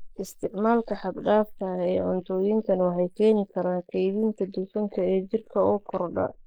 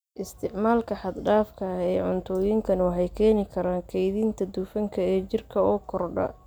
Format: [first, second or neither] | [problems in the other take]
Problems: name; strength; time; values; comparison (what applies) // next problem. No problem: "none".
second | noise reduction (neural mask model Resemble Enhance denoiser)